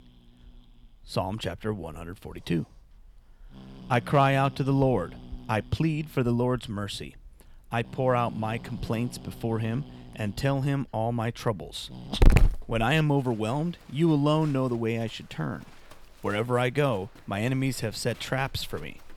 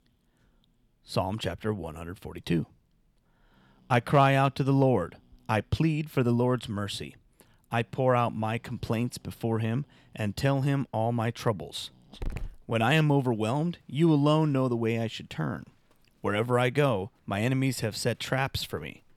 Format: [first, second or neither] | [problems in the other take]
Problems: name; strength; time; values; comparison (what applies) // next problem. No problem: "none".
second | animal sounds; loud; throughout; 5 dB below the speech; faint in the second